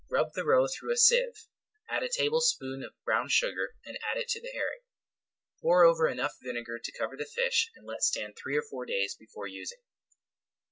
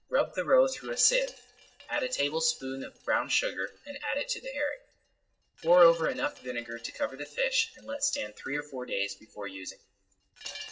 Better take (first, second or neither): first